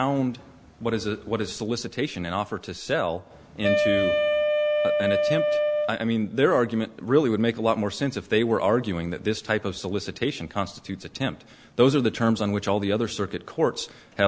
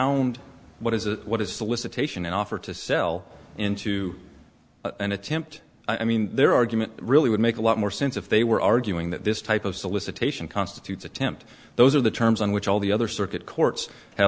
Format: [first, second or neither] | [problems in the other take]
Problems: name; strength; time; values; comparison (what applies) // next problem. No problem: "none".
second | background sound (Wind instrument, woodwind instrument); 2 dB above the speech